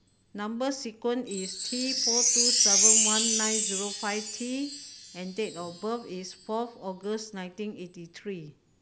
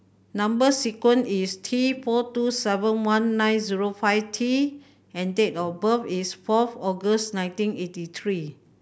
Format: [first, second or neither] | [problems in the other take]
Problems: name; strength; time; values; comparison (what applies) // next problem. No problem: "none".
second | background sound (Wind chime); 5 dB above the speech